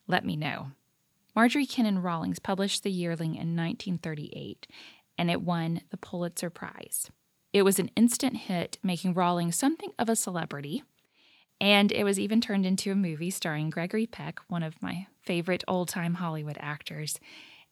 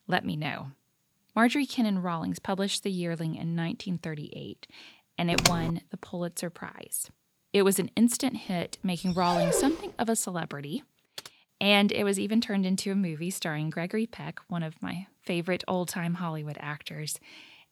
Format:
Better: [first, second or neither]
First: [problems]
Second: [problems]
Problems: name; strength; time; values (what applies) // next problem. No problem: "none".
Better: first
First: none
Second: keyboard typing; loud; at 5.5 s; peak 4 dB above the speech // dog barking; loud; at 9 s; peak 1 dB above the speech // keyboard typing; faint; at 11 s; peak 15 dB below the speech